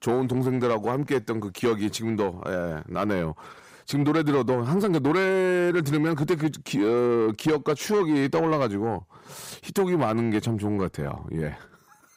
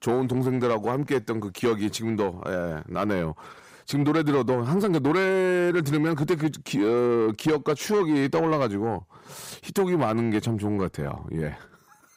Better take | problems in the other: neither | distortion; slight; 10 dB below the speech; the same in both

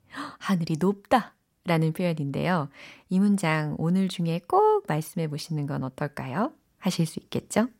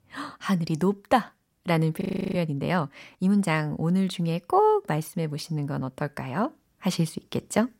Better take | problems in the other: first | audio freezing; at 2 s

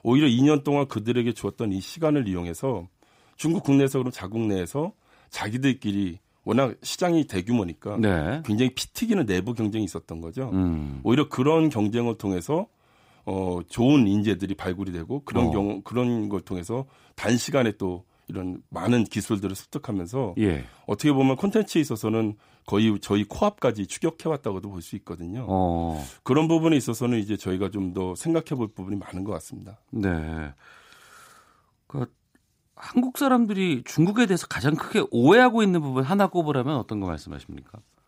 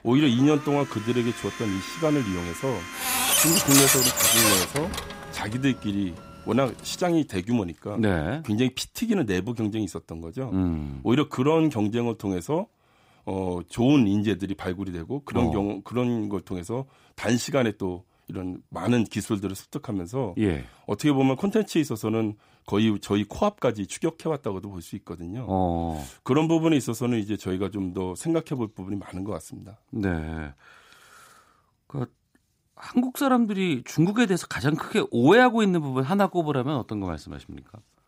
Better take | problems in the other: first | household noises; very loud; until 8 s; 4 dB above the speech

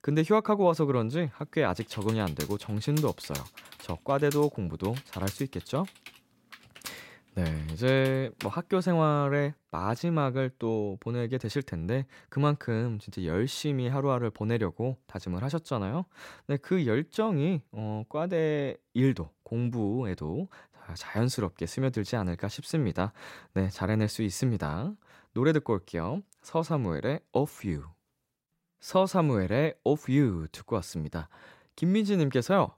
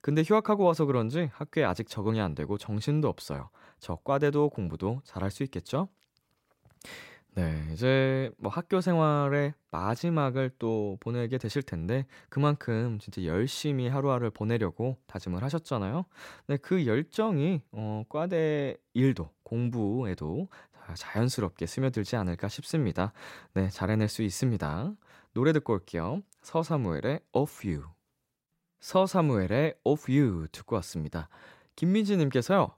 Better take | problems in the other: second | keyboard typing; faint; from 2 to 8.5 s; peak 10 dB below the speech

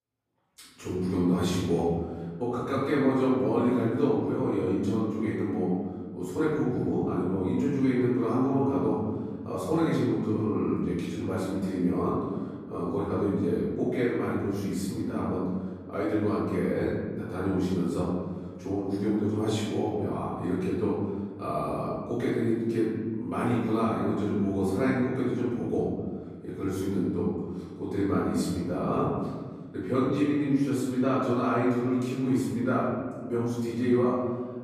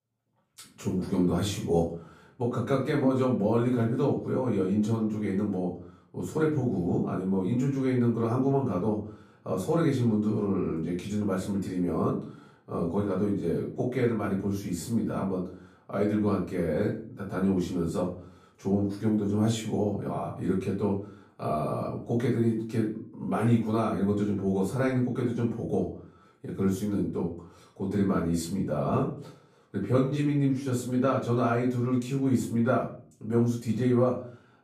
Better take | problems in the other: second | room echo; strong; dies away in 1.6 s; slight in the second // off-mic speech; far; far in the second

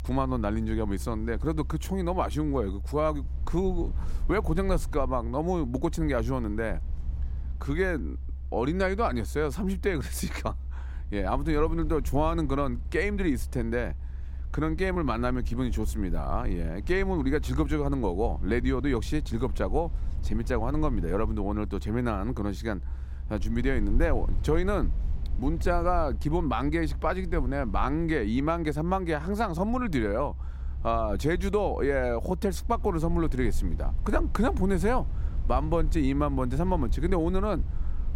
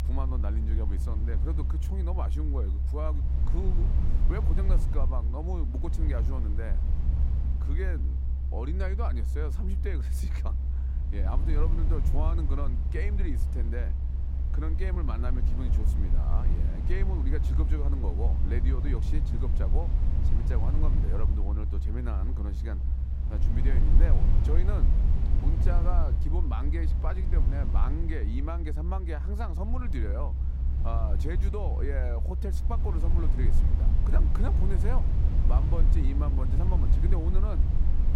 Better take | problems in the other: first | low rumble; loud; throughout; 5 dB below the speech; faint in the first

